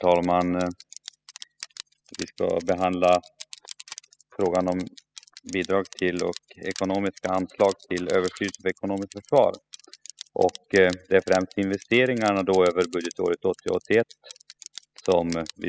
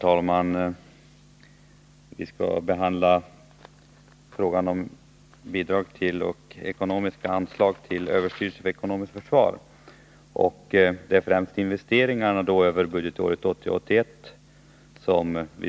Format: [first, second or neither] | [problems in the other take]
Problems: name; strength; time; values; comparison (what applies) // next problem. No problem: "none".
second | noise reduction (classical method spectral subtraction)